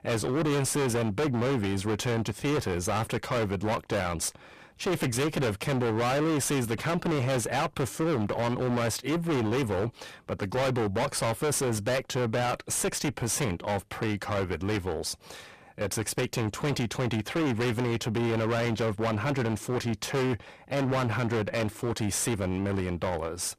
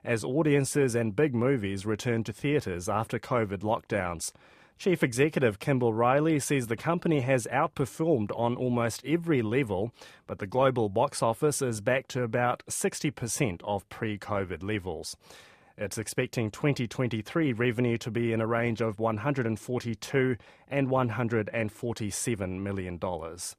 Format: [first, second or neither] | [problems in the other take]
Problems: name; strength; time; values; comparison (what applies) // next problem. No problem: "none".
second | distortion; heavy; 32% of the sound clipped